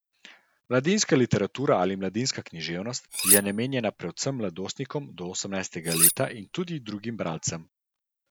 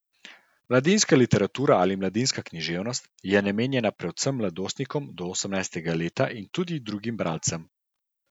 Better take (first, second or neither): second